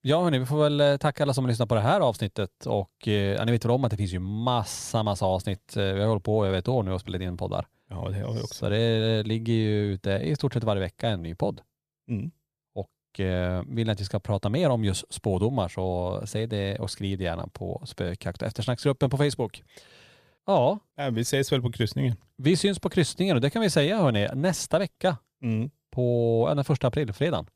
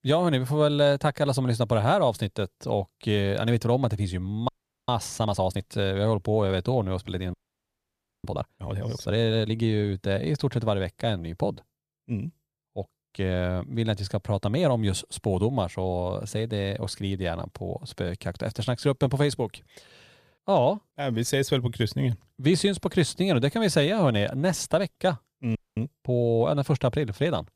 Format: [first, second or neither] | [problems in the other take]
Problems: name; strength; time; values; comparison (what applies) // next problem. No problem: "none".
first | audio freezing; at 4.5 s, at 7.5 s for 1 s and at 26 s